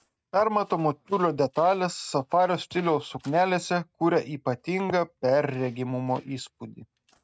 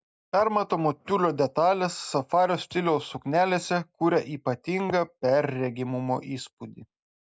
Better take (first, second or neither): second